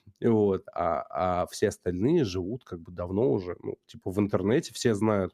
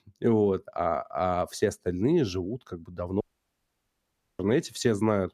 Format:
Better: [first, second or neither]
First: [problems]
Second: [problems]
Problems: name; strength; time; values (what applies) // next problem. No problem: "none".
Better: first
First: none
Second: audio cutting out; at 3 s for 1 s